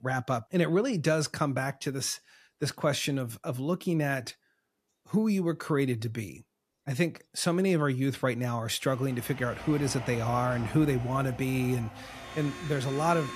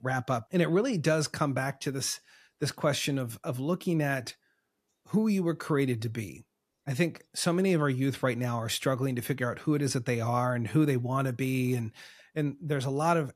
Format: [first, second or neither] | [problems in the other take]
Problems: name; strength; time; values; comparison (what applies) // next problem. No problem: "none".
second | household noises; noticeable; from 9 s on; 15 dB below the speech